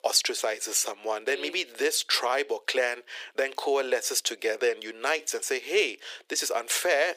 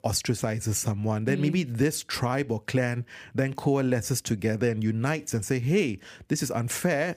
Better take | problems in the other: second | thin; very; fading below 400 Hz

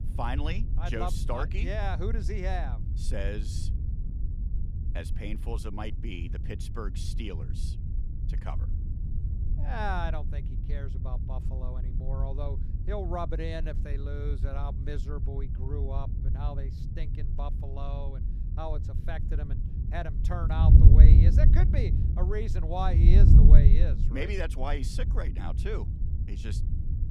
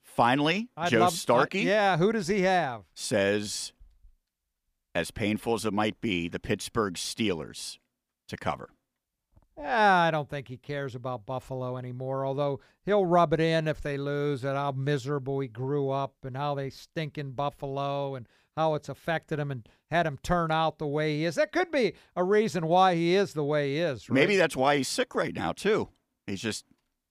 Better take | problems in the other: second | wind noise on the microphone; heavy; 5 dB below the speech

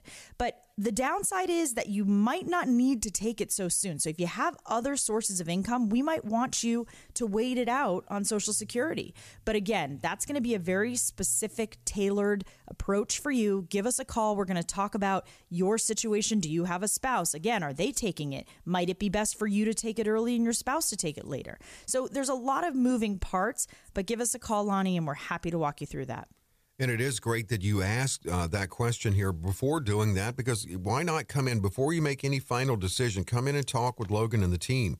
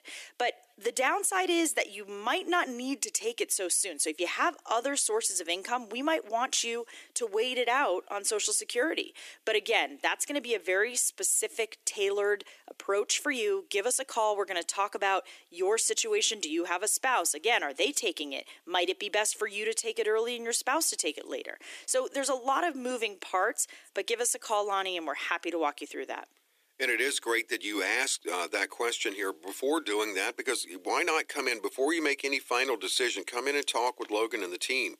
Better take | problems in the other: first | thin; very; fading below 300 Hz

